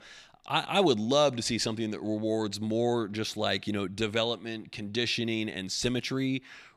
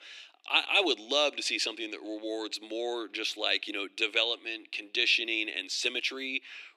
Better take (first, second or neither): first